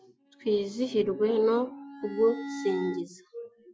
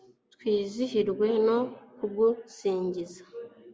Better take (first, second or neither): second